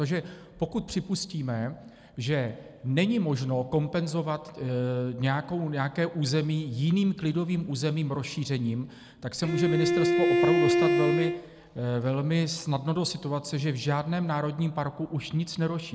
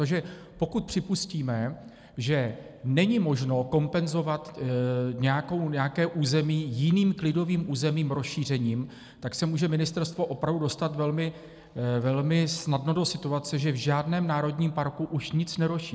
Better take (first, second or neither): second